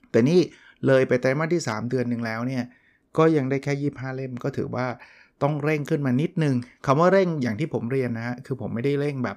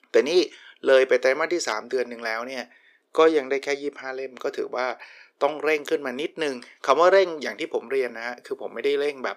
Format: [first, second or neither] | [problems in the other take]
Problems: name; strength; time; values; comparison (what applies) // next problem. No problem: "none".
first | thin; very; fading below 400 Hz